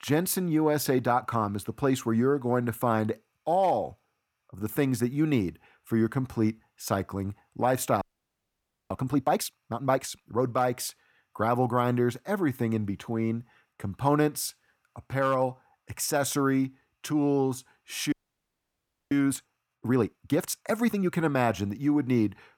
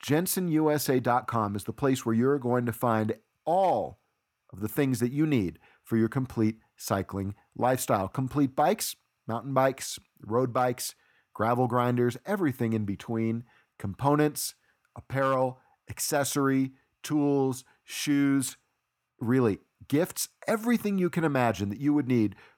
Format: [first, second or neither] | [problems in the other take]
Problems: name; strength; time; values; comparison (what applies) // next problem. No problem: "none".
second | audio freezing; at 8 s for 1 s and at 18 s for 1 s